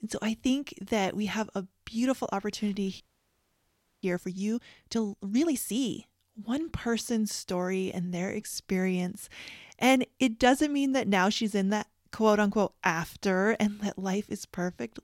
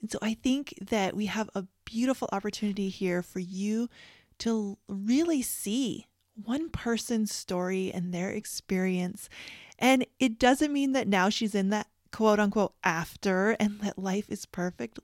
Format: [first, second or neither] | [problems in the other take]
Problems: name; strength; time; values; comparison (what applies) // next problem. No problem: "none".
second | audio freezing; at 3 s for 1 s